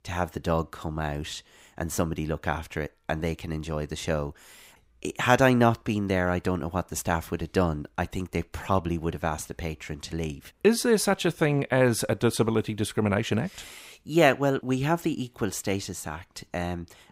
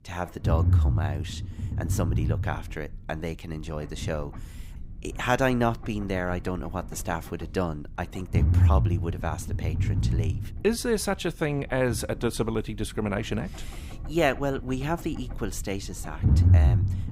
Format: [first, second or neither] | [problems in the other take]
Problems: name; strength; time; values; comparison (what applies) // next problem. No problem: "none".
first | low rumble; noticeable; throughout; 10 dB below the speech